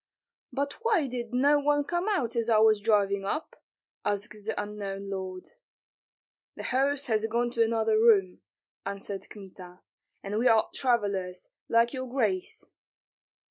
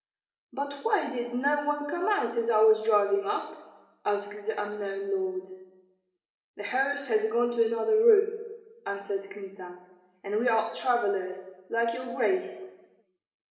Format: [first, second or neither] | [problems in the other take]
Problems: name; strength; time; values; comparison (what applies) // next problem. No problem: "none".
first | room echo; dies away in 1.1 s